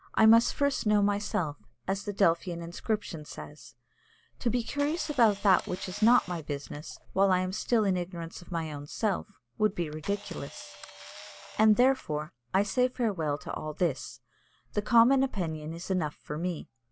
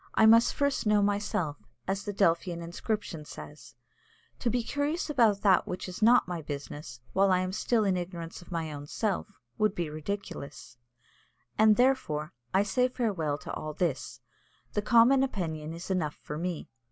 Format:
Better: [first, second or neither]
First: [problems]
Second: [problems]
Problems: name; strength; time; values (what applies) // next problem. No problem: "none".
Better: second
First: background sound (Camera); 19 dB below the speech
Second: none